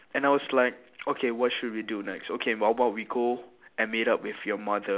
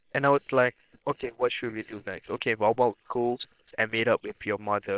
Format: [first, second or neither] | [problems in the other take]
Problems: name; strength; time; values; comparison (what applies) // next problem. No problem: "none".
first | noise reduction (neural separator model SepFormer WHAM!)